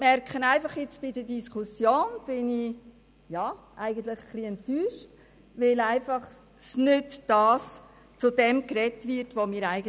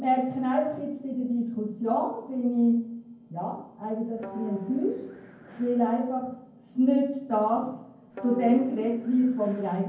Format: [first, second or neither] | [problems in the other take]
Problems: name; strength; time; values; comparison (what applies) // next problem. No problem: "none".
first | background sound (Guitar); 15 dB below the speech // room echo; dies away in 0.9 s